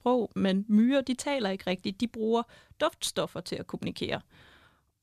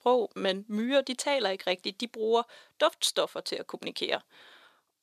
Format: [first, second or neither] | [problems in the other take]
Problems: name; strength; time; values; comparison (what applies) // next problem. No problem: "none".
first | thin; somewhat; fading below 450 Hz